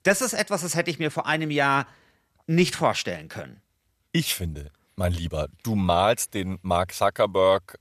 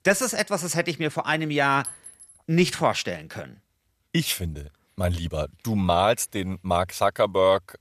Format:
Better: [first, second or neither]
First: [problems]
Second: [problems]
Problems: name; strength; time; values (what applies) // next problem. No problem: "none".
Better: first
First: none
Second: clattering dishes; faint; at 2 s; peak 10 dB below the speech